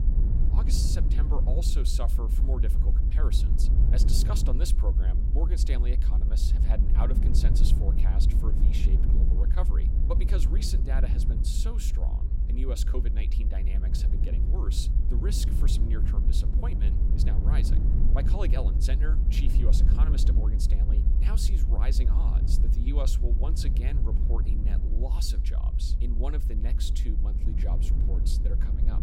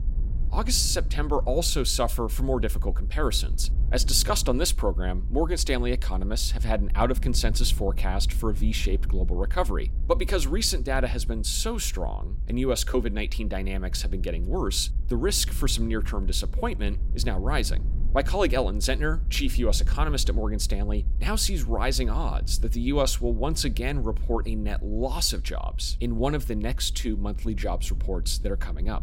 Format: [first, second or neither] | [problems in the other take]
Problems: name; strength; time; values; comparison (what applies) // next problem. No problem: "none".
second | low rumble; loud; throughout; 4 dB below the speech; faint in the second